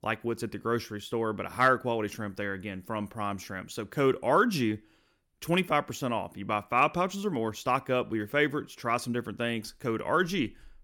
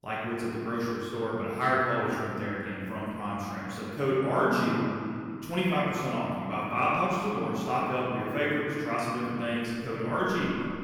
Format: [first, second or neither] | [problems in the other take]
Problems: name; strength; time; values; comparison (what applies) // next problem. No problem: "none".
first | room echo; strong; dies away in 2.3 s // off-mic speech; far